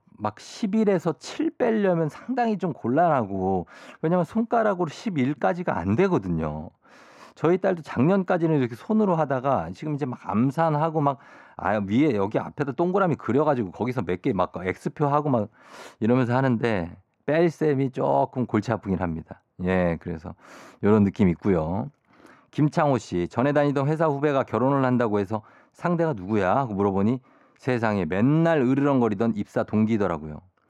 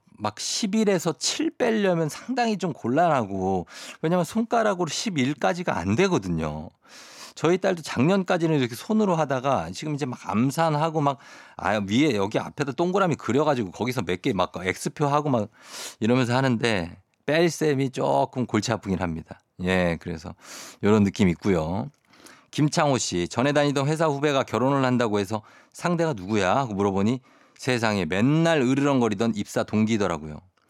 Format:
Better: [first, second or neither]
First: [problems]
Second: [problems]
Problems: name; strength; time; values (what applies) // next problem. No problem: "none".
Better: second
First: muffled; slightly; fading above 2.5 kHz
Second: none